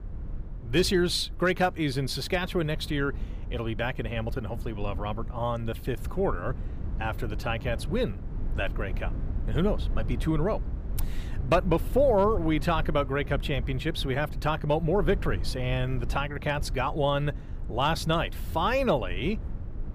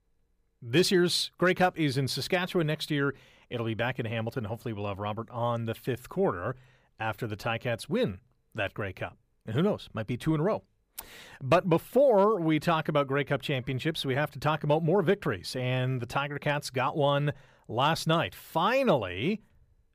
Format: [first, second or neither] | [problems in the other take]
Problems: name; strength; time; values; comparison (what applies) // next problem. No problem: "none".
second | low rumble; faint; throughout; 20 dB below the speech